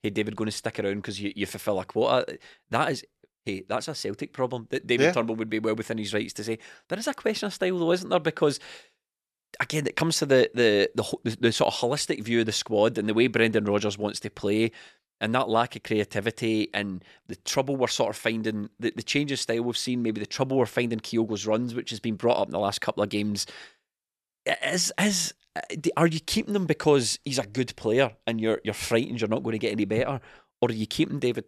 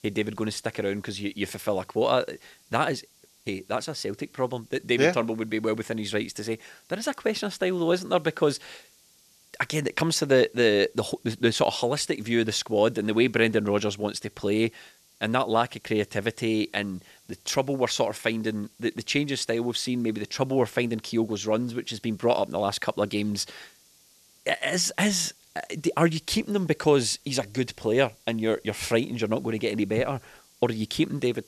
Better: first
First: none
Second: hiss; faint; throughout; 30 dB below the speech

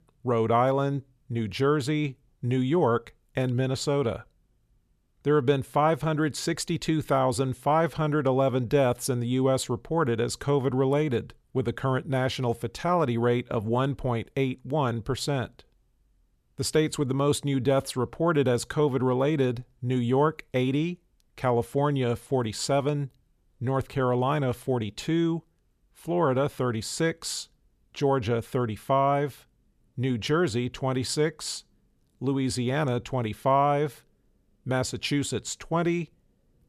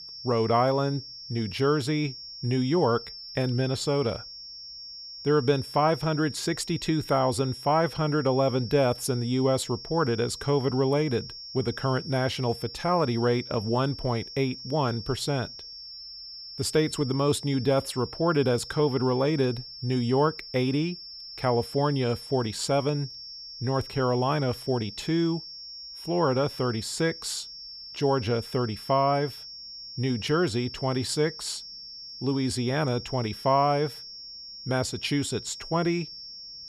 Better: first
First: none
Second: high-pitched whine; noticeable; throughout; 5.5 kHz, 10 dB below the speech

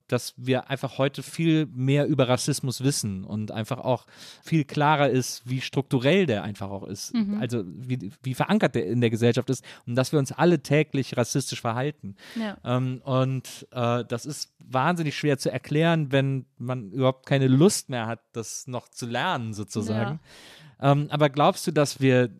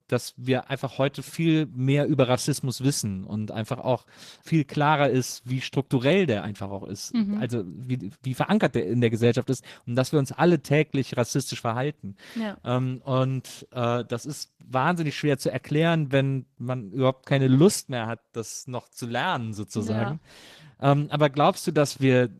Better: first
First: none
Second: garbled, watery; slightly; nothing above 14 kHz

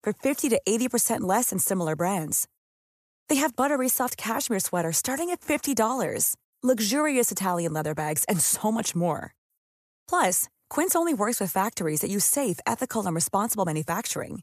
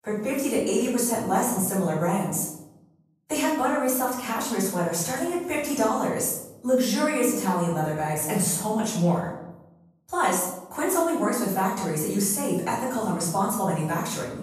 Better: first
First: none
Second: off-mic speech; far // room echo; noticeable; dies away in 0.8 s

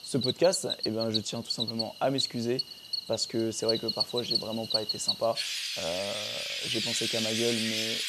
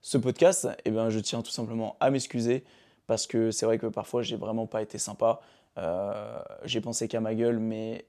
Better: second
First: animal sounds; very loud; throughout; 1 dB above the speech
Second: none

